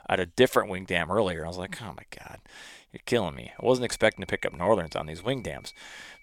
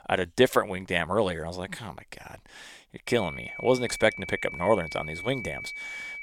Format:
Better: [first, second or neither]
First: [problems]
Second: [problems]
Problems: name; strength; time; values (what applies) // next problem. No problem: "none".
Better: first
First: high-pitched whine; faint; from 3 s on; 2.5 kHz, 25 dB below the speech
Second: high-pitched whine; loud; from 3 s on; 2.5 kHz, 9 dB below the speech